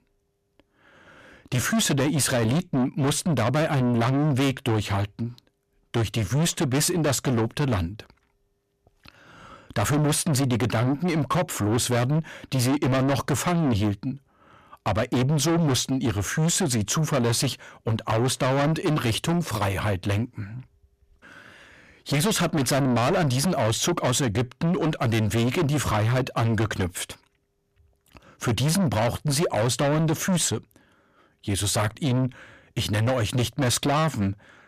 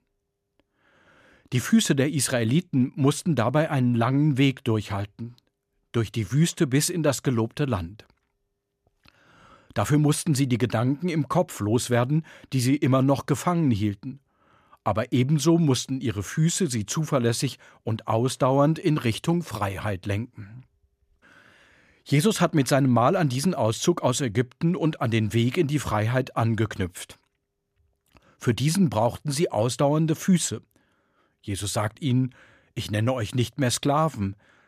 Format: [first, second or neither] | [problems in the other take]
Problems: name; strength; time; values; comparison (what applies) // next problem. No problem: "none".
second | distortion; heavy; 6 dB below the speech